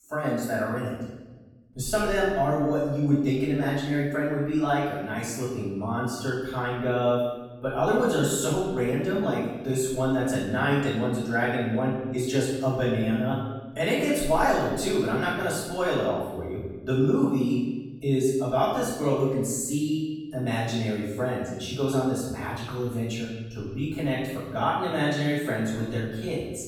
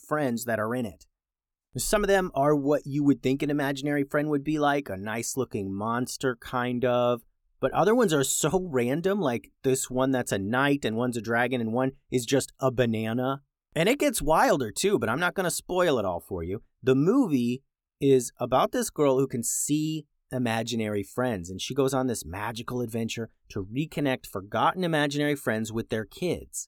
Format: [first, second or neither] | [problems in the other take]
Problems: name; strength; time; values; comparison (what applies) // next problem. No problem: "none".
second | off-mic speech; far // room echo; strong; dies away in 1.2 s